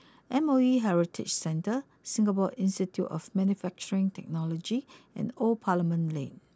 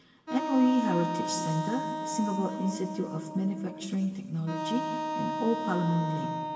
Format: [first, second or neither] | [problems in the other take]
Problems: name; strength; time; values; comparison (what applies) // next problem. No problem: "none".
first | background sound (Wind instrument, woodwind instrument); 4 dB below the speech // room echo; dies away in 1.9 s